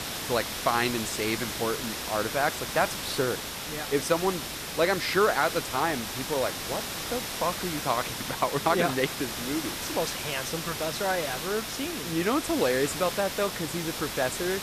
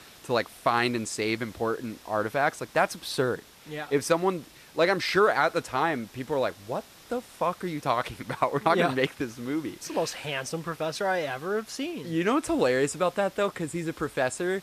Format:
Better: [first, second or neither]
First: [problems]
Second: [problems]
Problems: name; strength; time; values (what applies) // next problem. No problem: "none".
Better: second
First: hiss; loud; throughout; 4 dB below the speech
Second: hiss; faint; throughout; 20 dB below the speech